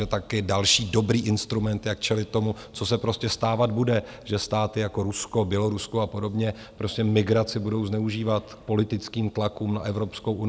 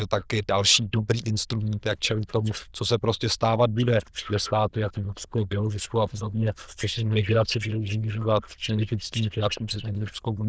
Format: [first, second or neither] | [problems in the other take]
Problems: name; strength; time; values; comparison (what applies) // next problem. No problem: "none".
first | noise reduction (neural diffusion model UNIVERSE++)